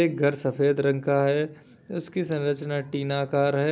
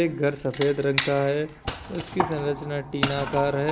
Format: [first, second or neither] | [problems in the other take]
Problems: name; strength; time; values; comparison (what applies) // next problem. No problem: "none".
first | background sound (Wood); 6 dB below the speech